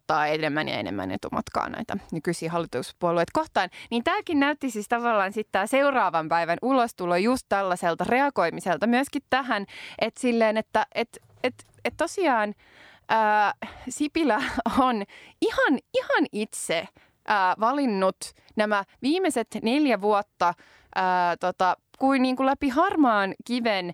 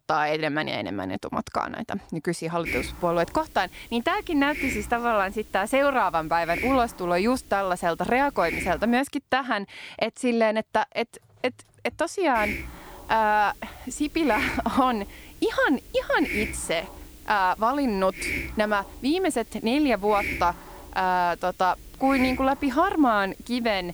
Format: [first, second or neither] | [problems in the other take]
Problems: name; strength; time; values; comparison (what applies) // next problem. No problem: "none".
first | hiss; loud; from 2.5 to 9 s and from 12 s on; 9 dB below the speech